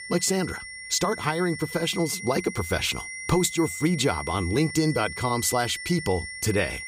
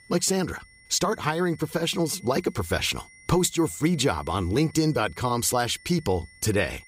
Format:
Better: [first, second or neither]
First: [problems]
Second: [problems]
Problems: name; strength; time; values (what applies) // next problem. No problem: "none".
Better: second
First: high-pitched whine; loud; throughout; 2 kHz, 9 dB below the speech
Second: high-pitched whine; faint; throughout; 2 kHz, 25 dB below the speech